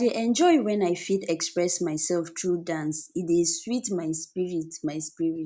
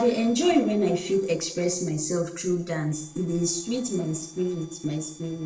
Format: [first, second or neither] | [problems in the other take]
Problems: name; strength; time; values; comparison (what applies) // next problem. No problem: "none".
first | noise reduction (neural separator model SepFormer DNS4)